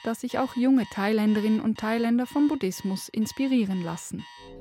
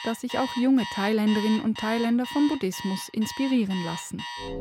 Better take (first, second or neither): first